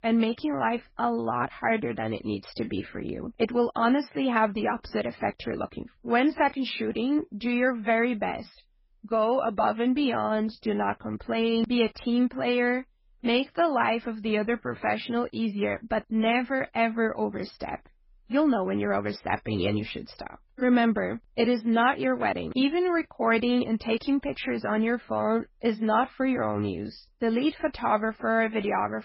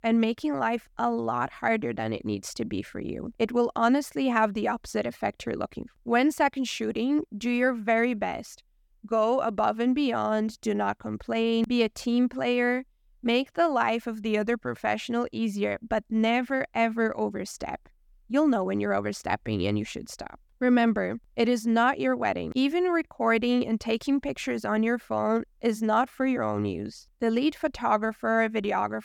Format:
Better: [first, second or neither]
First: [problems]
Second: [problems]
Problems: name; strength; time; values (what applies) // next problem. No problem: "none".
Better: second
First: garbled, watery; badly; nothing above 5.5 kHz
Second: none